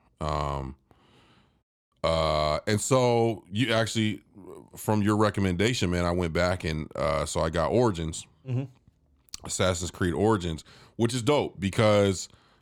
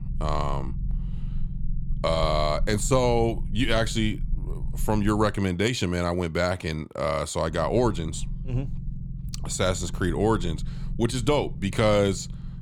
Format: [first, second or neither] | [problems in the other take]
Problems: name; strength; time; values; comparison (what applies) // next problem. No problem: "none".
first | low rumble; faint; until 5.5 s and from 7.5 s on; 20 dB below the speech